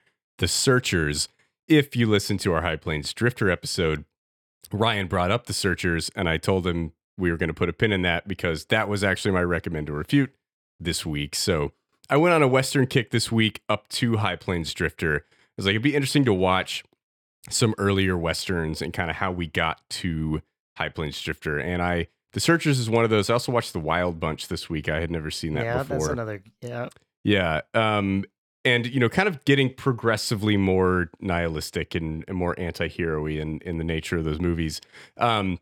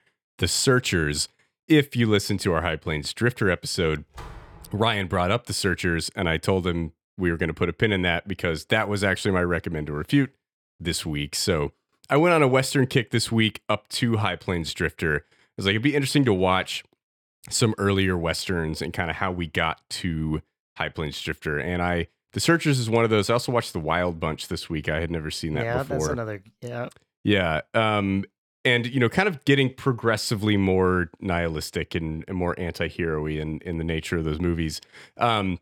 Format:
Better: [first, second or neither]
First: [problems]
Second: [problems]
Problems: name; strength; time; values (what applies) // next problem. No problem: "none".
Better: first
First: none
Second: door banging; faint; at 4 s; peak 20 dB below the speech